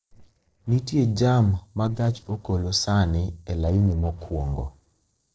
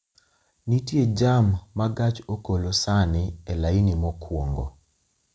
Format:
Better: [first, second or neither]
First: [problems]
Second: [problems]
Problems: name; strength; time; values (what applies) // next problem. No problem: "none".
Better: second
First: noise reduction (neural separator model SepFormer DNS4)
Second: none